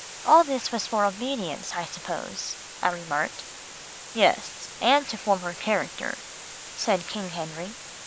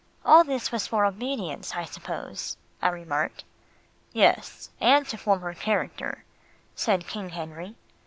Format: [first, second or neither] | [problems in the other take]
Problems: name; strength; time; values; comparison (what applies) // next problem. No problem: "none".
second | background sound (Water); 14 dB below the speech